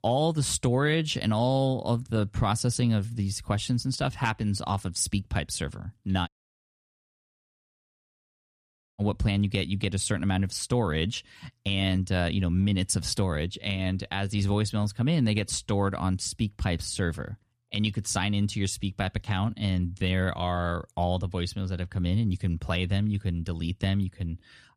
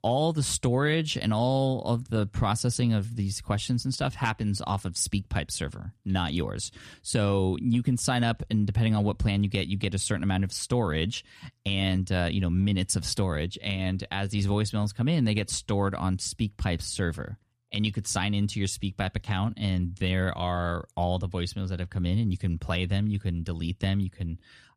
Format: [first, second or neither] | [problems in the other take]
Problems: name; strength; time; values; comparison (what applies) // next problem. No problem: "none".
second | audio cutting out; at 6.5 s for 2.5 s